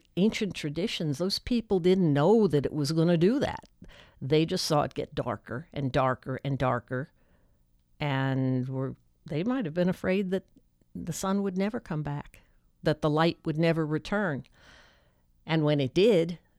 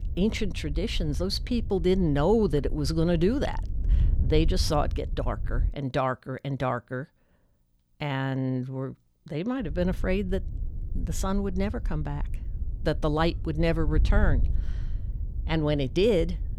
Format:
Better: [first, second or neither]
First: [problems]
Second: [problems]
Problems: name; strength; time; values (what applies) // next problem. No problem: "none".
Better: first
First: none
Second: wind noise on the microphone; occasional gusts; until 5.5 s and from 9.5 s on; 20 dB below the speech